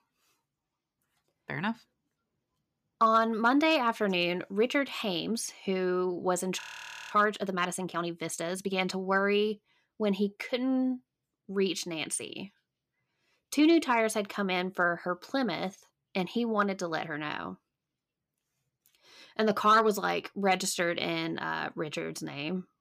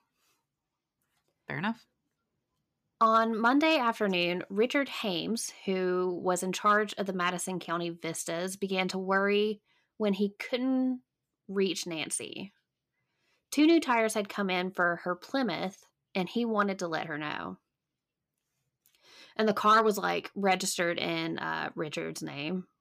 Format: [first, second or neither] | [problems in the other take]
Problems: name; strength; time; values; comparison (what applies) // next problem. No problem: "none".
second | audio freezing; at 6.5 s for 0.5 s